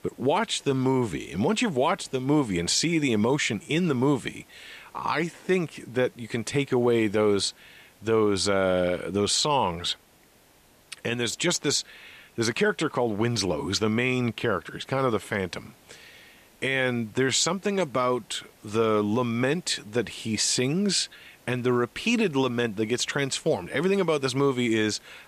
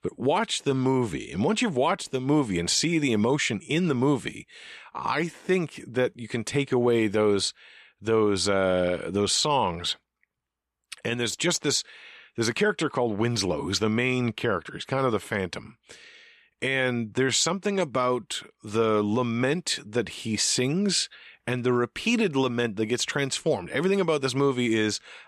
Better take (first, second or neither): second